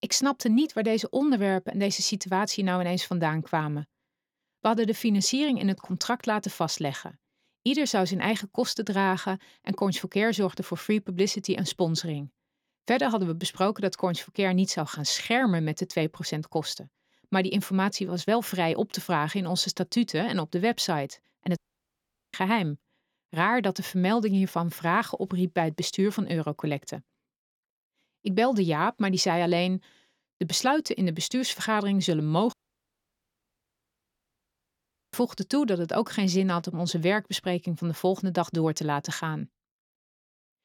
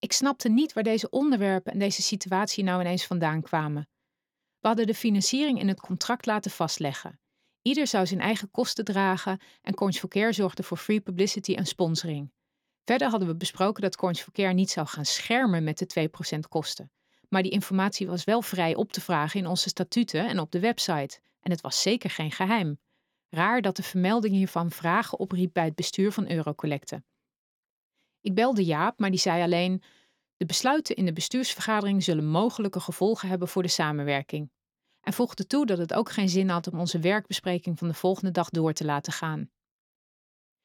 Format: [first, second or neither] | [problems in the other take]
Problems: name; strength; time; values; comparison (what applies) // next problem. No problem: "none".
second | audio cutting out; at 22 s for 1 s and at 33 s for 2.5 s